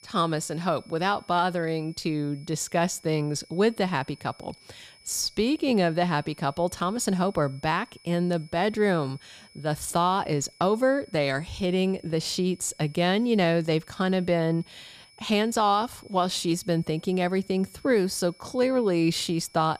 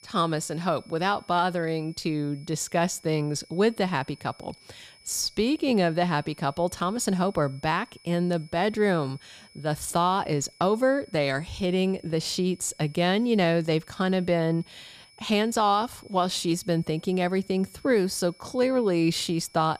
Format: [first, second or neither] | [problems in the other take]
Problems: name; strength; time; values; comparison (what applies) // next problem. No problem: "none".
neither | high-pitched whine; faint; throughout; 5 kHz, 25 dB below the speech; the same in both